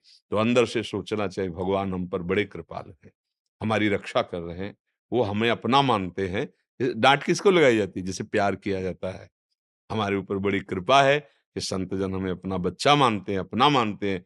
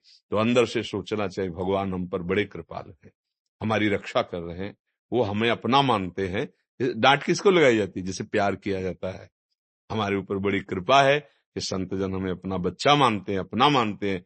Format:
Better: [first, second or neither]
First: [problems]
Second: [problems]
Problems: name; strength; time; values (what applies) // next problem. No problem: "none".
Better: first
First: none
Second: garbled, watery; slightly; nothing above 8 kHz